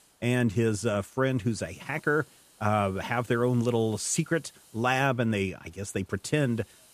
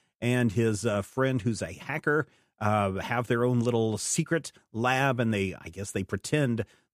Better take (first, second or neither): second